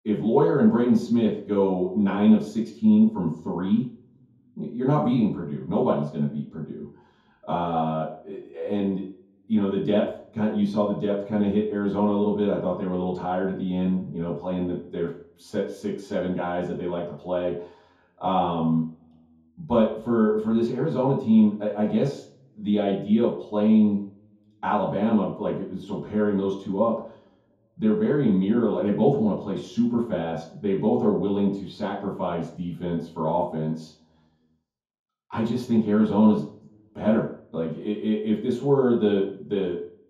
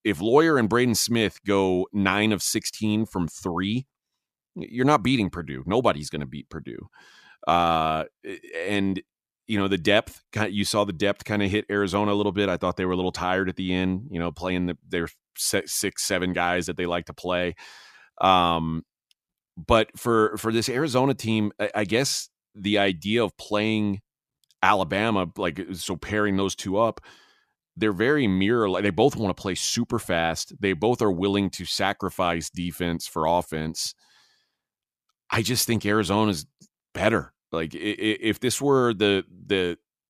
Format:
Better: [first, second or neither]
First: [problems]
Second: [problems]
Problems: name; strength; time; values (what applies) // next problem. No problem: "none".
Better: second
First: room echo; noticeable; dies away in 0.6 s // off-mic speech; far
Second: none